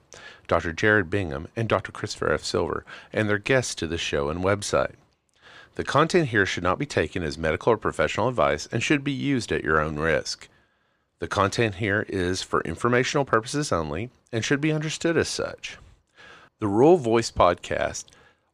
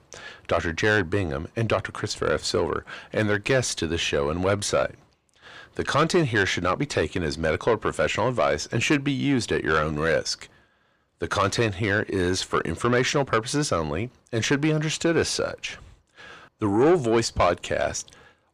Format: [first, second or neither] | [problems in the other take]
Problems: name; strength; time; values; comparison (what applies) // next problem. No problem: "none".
first | distortion; slight; 10 dB below the speech